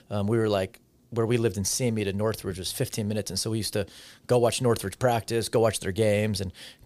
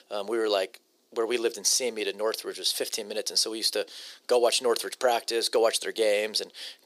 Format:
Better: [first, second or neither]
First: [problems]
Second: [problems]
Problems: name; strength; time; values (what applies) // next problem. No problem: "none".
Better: first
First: none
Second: thin; very; fading below 350 Hz